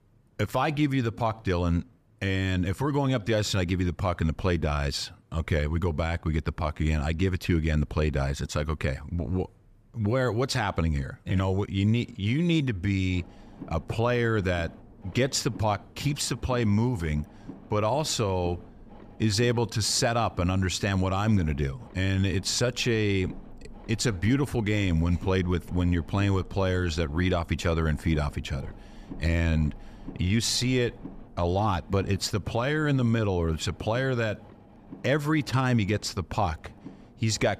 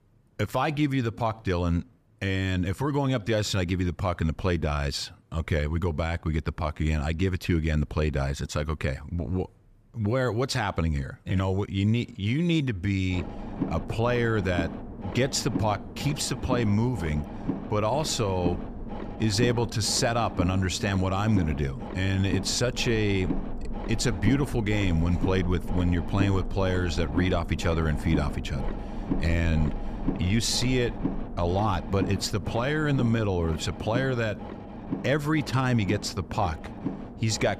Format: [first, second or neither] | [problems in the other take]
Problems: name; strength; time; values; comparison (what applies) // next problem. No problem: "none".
first | low rumble; loud; from 13 s on; 9 dB below the speech; faint in the first